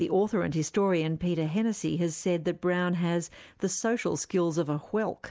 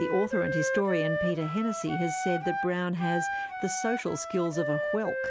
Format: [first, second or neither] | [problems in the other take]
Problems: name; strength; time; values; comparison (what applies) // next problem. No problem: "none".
first | background sound (Wind instrument, woodwind instrument); 2 dB below the speech